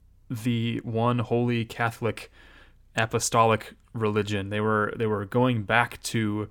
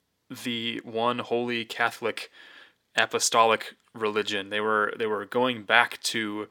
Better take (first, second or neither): first